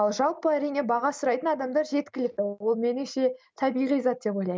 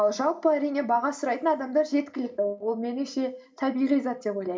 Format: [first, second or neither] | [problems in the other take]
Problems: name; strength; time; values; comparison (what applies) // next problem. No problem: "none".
first | room echo; dies away in 0.4 s